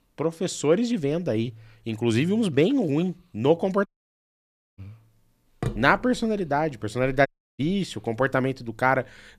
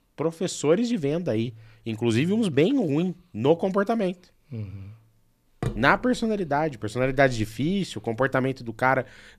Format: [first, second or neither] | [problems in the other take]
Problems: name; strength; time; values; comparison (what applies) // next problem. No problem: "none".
second | audio cutting out; at 4 s for 1 s and at 7.5 s